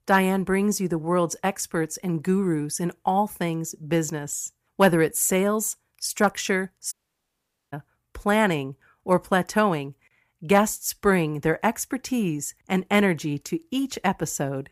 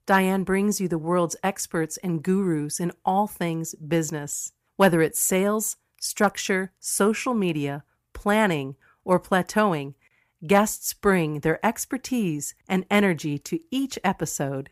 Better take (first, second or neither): second